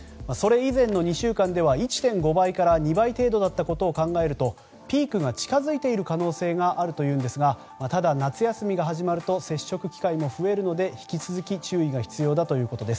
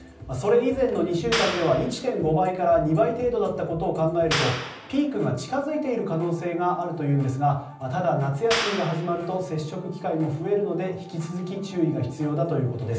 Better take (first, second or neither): first